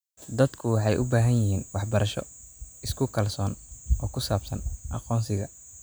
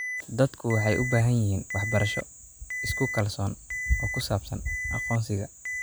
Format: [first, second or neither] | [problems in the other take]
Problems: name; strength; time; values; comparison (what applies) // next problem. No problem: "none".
first | background sound (Alarm); 7 dB below the speech